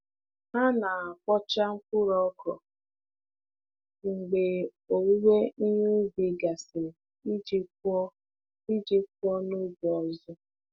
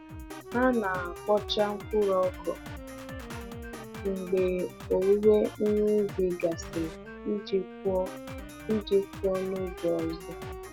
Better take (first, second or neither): first